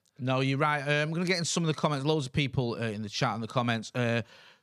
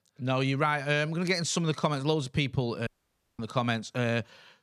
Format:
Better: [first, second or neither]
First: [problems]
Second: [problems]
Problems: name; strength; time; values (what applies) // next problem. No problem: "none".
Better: first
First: none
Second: audio cutting out; at 3 s for 0.5 s